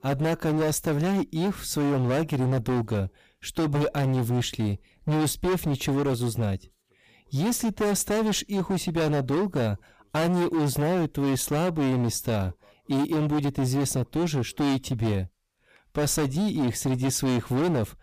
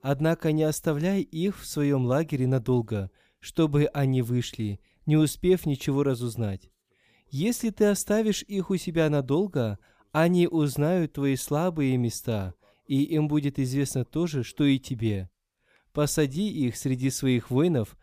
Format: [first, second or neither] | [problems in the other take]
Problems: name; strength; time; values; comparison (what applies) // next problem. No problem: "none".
second | distortion; heavy; 27% of the sound clipped